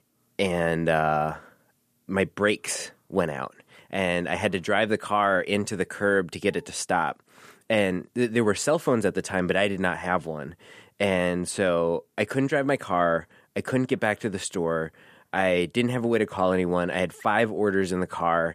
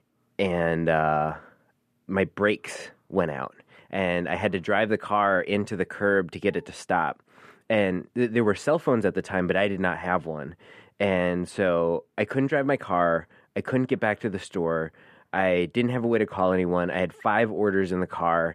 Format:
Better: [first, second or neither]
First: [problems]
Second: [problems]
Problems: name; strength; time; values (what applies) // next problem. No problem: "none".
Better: first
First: none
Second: muffled; slightly; fading above 4 kHz